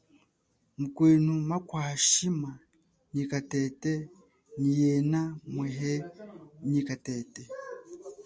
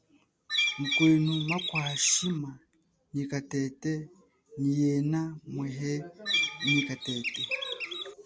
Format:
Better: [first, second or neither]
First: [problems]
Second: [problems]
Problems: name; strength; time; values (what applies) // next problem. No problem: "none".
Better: first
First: none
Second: background sound (Bird); 1 dB below the speech